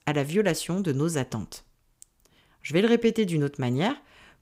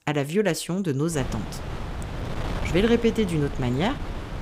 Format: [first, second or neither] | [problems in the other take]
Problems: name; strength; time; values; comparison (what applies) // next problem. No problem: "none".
first | wind noise on the microphone; occasional gusts; from 1 s on; 10 dB below the speech